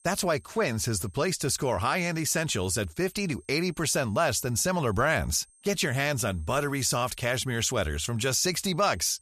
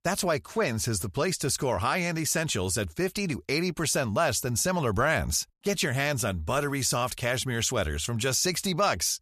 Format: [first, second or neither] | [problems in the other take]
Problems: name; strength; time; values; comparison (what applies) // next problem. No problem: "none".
second | high-pitched whine; faint; throughout; 8.5 kHz, 30 dB below the speech